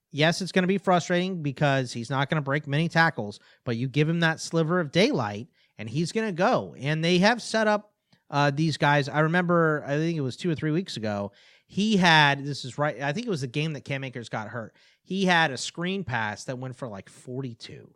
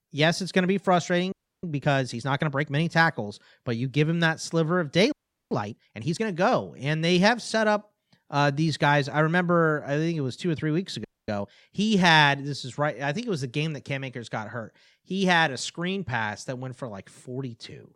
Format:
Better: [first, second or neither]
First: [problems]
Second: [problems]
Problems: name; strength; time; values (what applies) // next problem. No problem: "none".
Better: first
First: none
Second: audio freezing; at 1.5 s, at 5 s and at 11 s